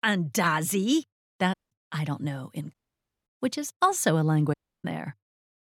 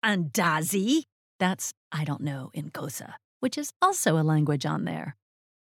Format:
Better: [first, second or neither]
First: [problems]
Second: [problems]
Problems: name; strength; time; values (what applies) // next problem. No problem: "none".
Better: second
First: audio cutting out; at 1.5 s, at 2.5 s for 0.5 s and at 4.5 s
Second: none